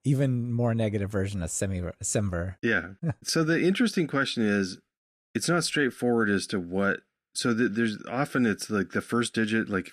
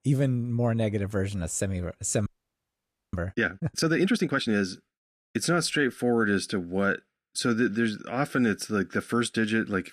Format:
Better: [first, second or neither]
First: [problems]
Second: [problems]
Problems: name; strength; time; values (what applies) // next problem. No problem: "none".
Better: first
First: none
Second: audio freezing; at 2.5 s for 1 s